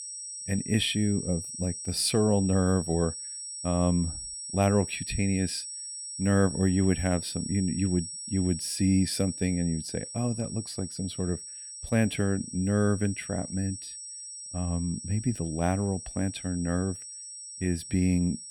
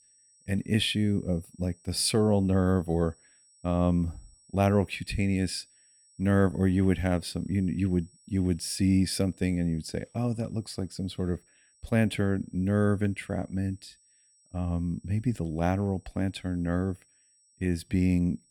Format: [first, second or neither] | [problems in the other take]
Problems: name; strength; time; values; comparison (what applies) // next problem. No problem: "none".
second | high-pitched whine; loud; throughout; 8 kHz, 8 dB below the speech; faint in the second